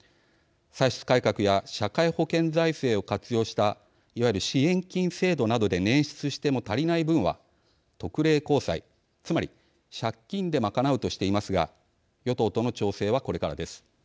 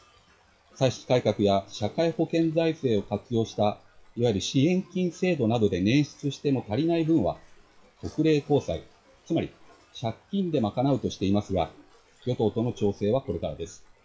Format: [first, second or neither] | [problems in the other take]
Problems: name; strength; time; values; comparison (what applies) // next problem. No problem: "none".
first | noise reduction (classical method WPE with log-MMSE)